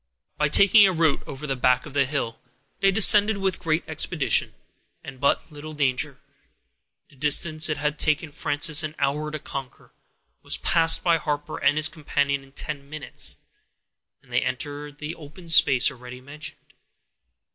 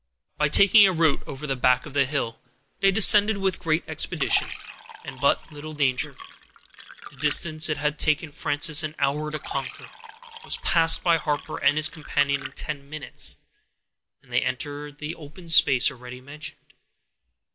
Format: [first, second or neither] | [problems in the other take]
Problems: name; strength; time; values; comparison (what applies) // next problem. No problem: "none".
first | background sound (Fill (with liquid)); 14 dB below the speech